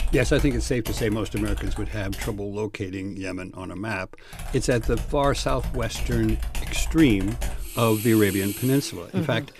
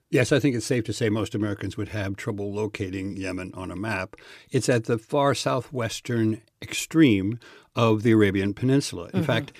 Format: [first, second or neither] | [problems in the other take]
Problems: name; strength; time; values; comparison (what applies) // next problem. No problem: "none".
second | household noises; loud; throughout; 8 dB below the speech